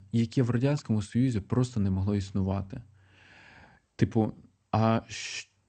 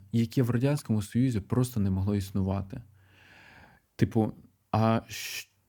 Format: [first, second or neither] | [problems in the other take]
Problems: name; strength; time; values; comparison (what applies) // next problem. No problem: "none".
second | garbled, watery; slightly; nothing above 8 kHz